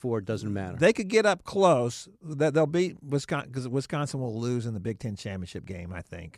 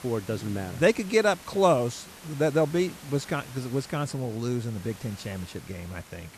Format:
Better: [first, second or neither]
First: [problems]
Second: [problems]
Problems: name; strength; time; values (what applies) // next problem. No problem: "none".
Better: first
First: none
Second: hiss; noticeable; throughout; 20 dB below the speech